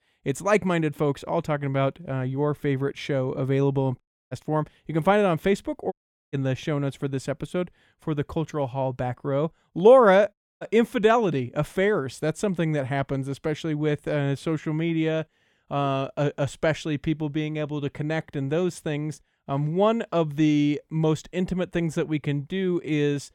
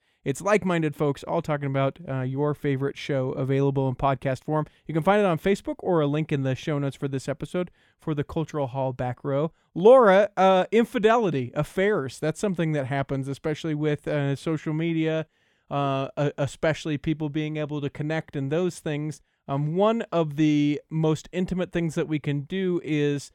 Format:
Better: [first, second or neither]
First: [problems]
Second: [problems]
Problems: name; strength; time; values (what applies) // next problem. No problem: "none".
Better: second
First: audio cutting out; at 4 s, at 6 s and at 10 s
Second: none